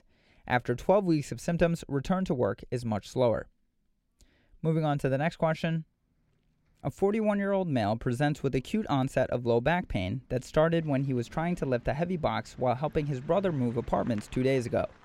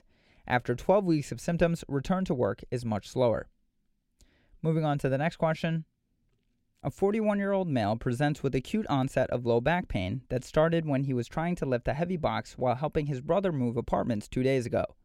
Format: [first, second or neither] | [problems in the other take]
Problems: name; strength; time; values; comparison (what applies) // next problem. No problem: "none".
second | traffic noise; faint; throughout; 25 dB below the speech